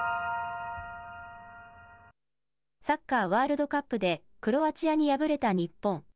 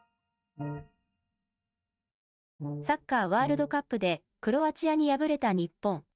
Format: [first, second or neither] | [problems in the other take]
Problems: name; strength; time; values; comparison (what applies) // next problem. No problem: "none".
first | noise reduction (neural mask model RNNoise)